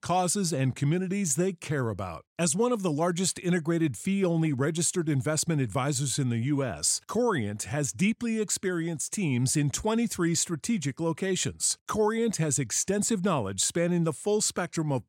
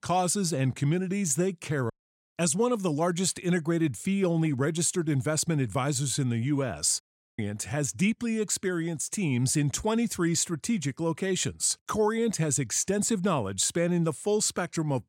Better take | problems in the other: first | audio cutting out; at 2 s and at 7 s

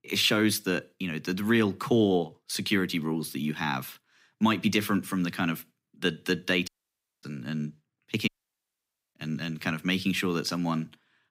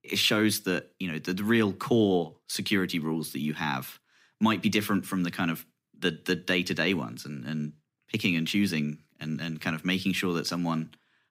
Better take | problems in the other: second | audio cutting out; at 6.5 s for 0.5 s and at 8.5 s for 1 s

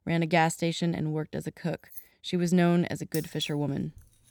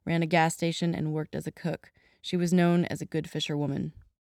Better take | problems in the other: second | jangling keys; faint; at 2 s and at 3 s; peak 10 dB below the speech

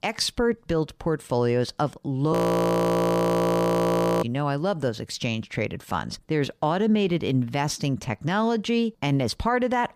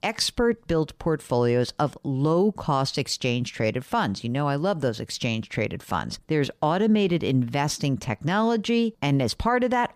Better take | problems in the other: second | audio freezing; at 2.5 s for 2 s

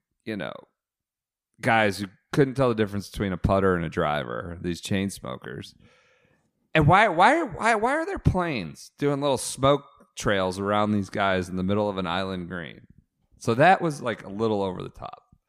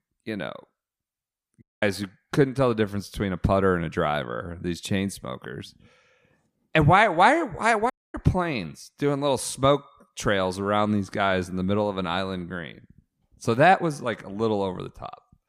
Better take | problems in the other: first | audio cutting out; at 1.5 s and at 8 s

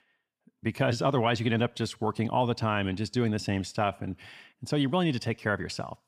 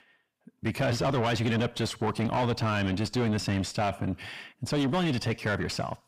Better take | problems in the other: first | distortion; heavy; 7 dB below the speech

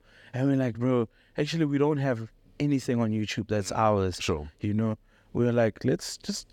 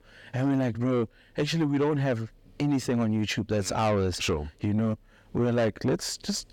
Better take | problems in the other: first | distortion; slight; 10 dB below the speech

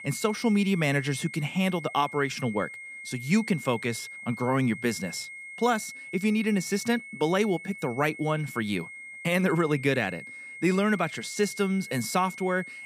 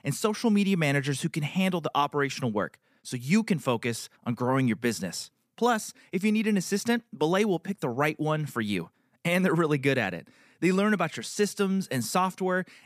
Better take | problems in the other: second | high-pitched whine; noticeable; throughout; 2 kHz, 10 dB below the speech

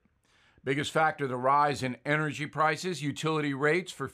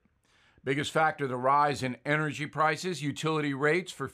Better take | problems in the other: neither | none

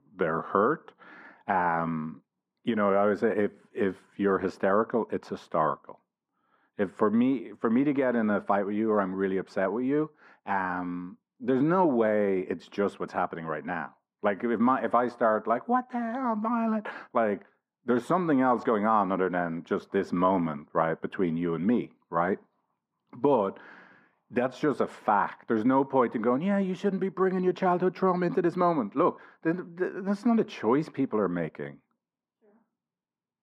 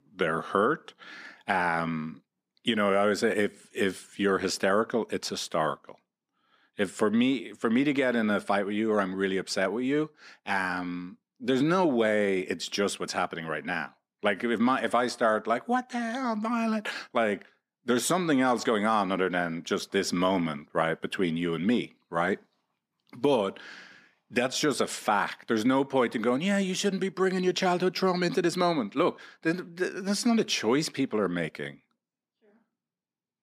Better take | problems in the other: second | muffled; very; fading above 2.5 kHz

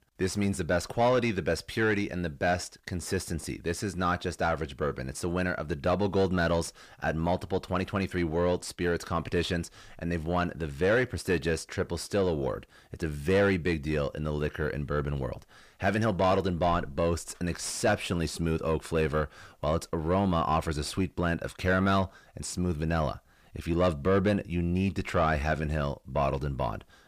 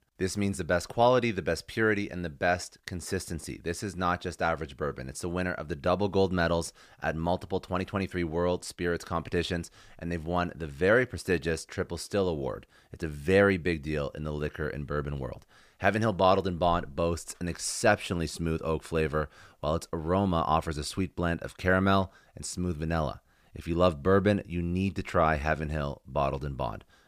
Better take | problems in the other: second | distortion; slight; 10 dB below the speech

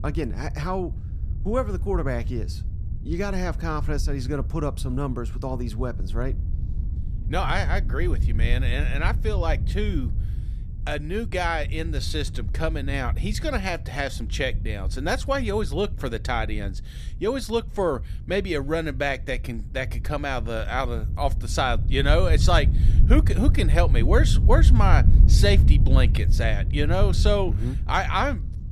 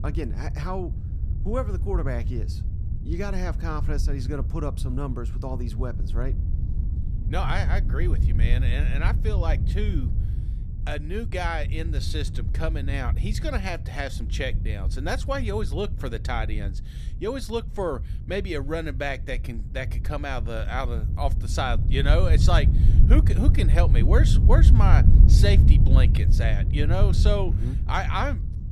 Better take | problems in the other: first | wind noise on the microphone; heavy; 9 dB below the speech; occasional gusts in the first

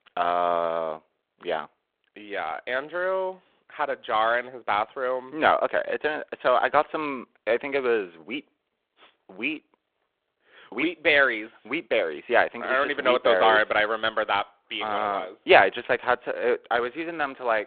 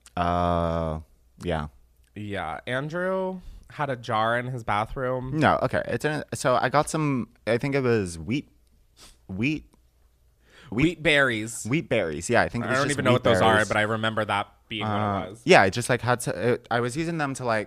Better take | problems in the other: second | phone-call audio

